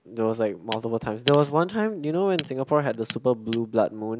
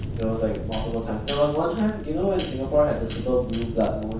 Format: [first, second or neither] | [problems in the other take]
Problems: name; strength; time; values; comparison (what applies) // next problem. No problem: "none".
first | background sound (Fire); 7 dB below the speech // room echo; dies away in 0.7 s